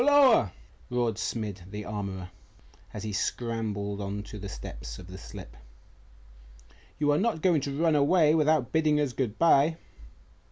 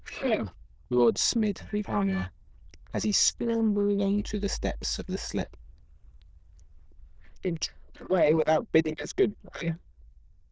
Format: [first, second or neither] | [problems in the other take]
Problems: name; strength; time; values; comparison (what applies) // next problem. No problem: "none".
first | noise reduction (neural diffusion model UNIVERSE++)